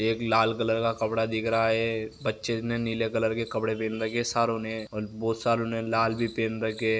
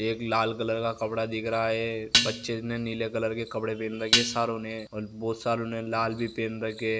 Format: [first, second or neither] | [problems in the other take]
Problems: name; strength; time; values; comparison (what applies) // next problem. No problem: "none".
first | background sound (Dishes, pots, and pans); 3 dB above the speech